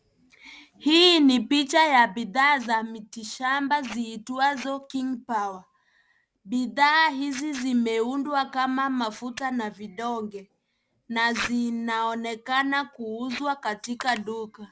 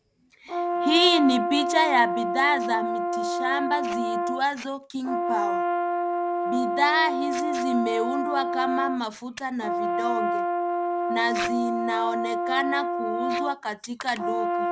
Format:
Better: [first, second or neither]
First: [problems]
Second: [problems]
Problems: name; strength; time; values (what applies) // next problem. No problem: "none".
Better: first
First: none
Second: background sound (Brass instrument); as loud as the speech